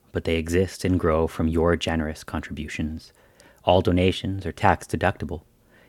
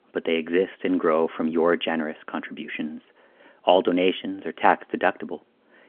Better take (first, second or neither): first